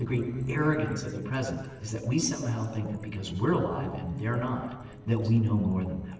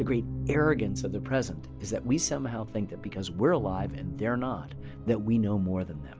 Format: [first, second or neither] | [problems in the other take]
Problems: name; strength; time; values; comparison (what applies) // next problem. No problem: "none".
second | noise reduction (neural separator model SepFormer DNS4)